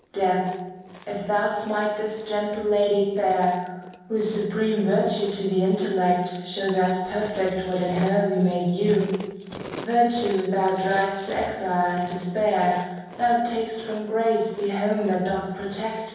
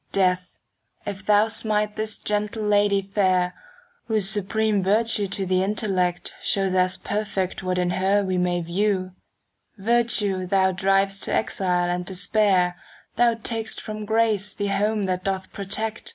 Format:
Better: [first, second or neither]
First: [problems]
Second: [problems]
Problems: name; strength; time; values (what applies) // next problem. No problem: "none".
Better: second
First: background sound (Chewing, mastication); 19 dB below the speech // room echo; dies away in 1.1 s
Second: none